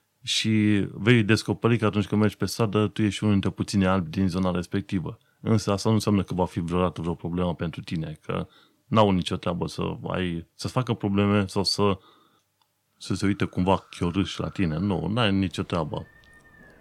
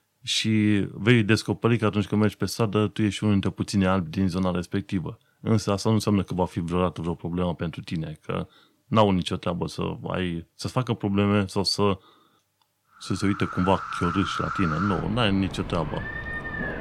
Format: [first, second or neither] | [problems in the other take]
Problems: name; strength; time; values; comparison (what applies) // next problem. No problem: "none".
first | animal sounds; loud; from 13 s on; 7 dB below the speech; faint in the first